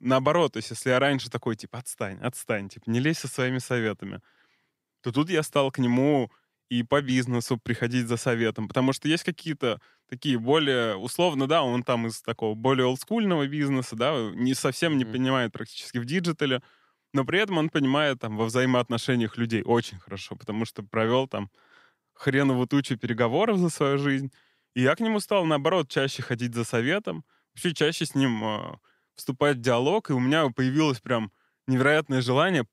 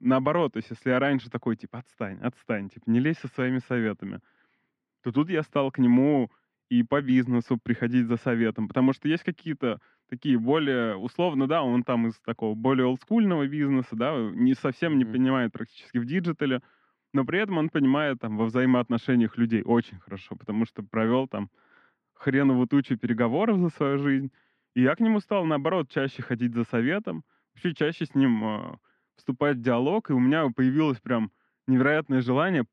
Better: first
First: none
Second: muffled; very; fading above 2 kHz

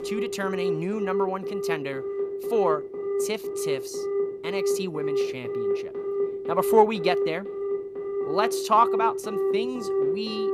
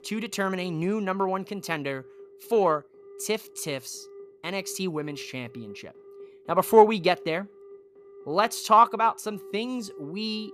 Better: second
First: alarms or sirens; loud; throughout; 1 dB below the speech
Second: alarms or sirens; faint; throughout; 20 dB below the speech

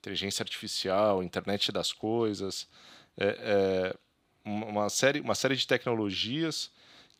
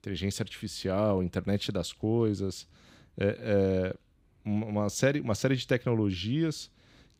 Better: second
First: thin; somewhat; fading below 950 Hz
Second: none

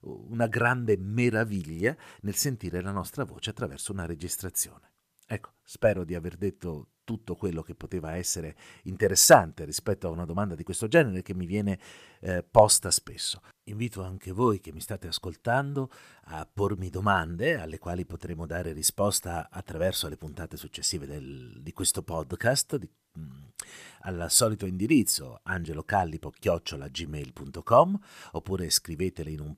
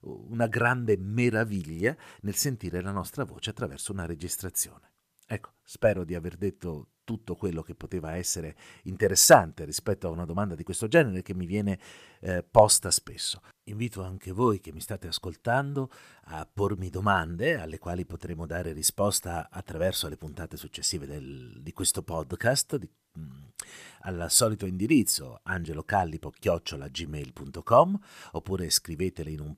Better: neither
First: none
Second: none

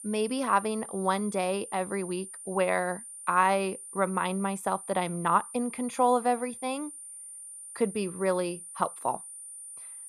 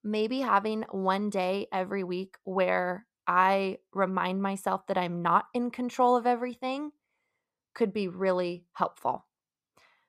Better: second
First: high-pitched whine; noticeable; throughout; 9 kHz, 10 dB below the speech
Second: none

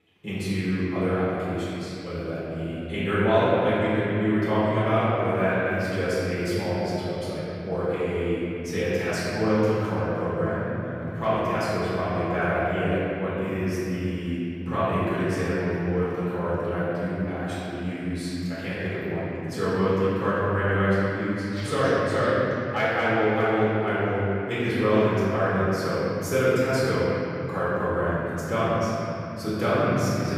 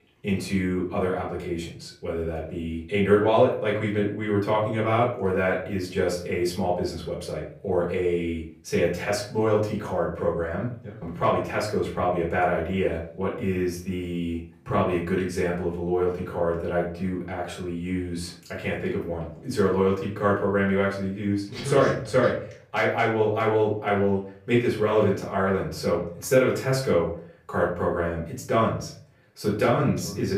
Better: second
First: room echo; strong; dies away in 3 s // off-mic speech; far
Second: room echo; slight; dies away in 0.4 s // off-mic speech; far

